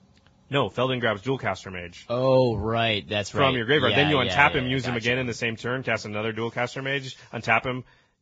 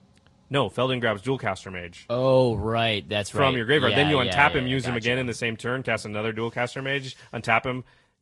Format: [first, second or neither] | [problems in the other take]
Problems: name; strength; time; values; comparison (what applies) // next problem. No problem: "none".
second | garbled, watery; badly; nothing above 7.5 kHz; slightly in the second